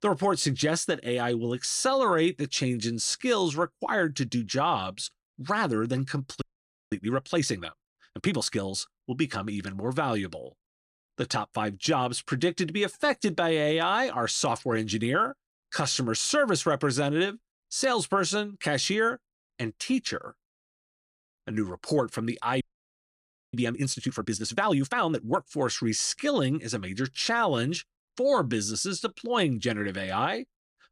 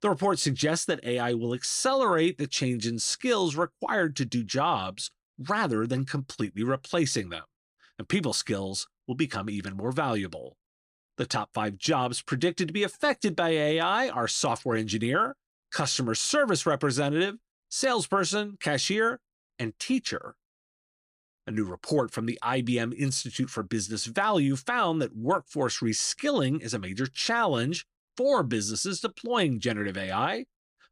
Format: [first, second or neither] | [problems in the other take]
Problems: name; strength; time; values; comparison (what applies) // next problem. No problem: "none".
second | audio freezing; at 6.5 s for 0.5 s and at 23 s for 1 s